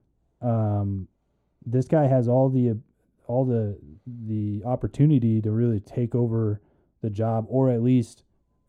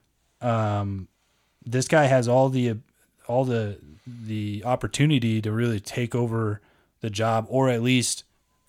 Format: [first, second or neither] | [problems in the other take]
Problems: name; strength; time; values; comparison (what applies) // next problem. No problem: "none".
second | muffled; very; fading above 1 kHz